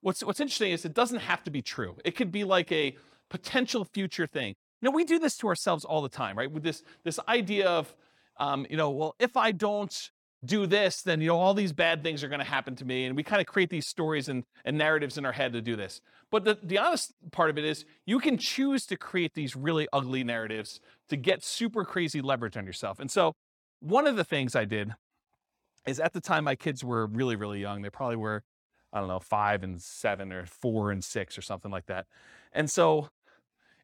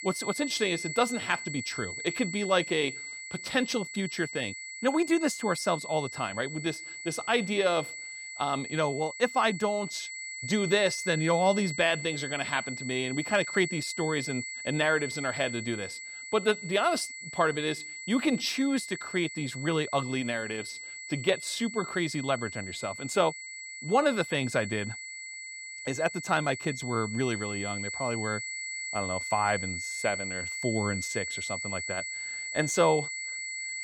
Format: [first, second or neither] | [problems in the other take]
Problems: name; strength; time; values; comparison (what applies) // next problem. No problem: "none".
first | high-pitched whine; loud; throughout; 2 kHz, 7 dB below the speech